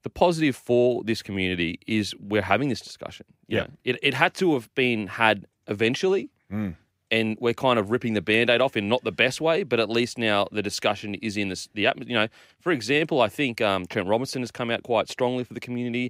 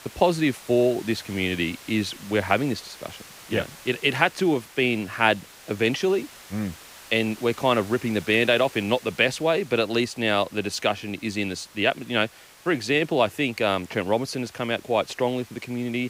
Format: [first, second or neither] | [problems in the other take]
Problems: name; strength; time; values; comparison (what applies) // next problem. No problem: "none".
first | hiss; faint; throughout; 20 dB below the speech